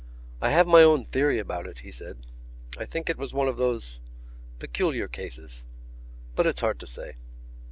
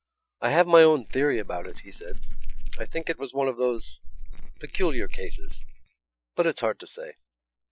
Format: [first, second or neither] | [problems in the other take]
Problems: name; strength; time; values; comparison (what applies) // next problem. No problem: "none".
first | noise reduction (classical method Wiener filter)